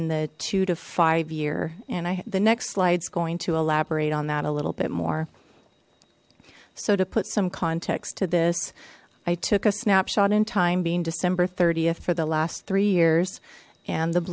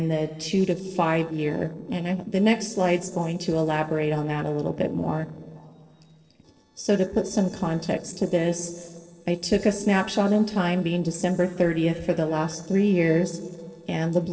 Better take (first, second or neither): first